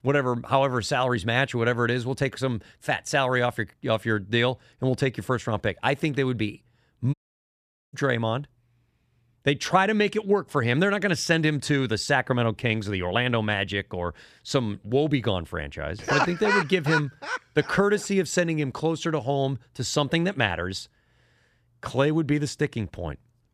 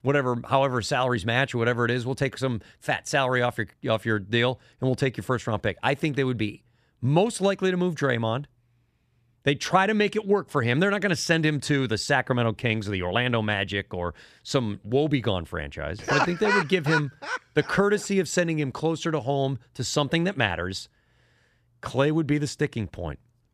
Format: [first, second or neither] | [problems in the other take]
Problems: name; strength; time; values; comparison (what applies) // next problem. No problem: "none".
second | audio cutting out; at 7 s for 1 s